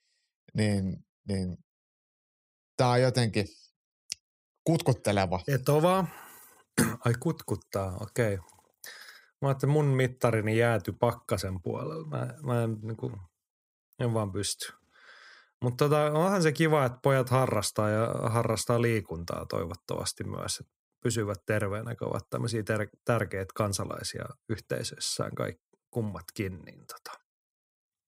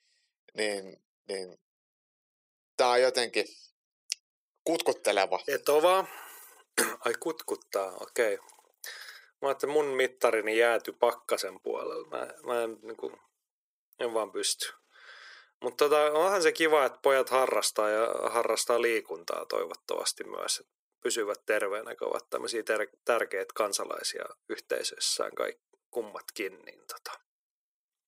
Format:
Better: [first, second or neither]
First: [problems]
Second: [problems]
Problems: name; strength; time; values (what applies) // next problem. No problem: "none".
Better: first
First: none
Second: thin; very; fading below 400 Hz